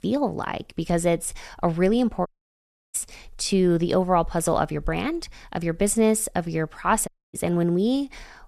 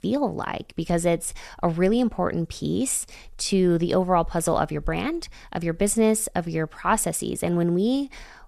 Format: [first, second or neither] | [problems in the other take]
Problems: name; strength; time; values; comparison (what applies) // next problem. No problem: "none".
second | audio cutting out; at 2.5 s for 0.5 s and at 7 s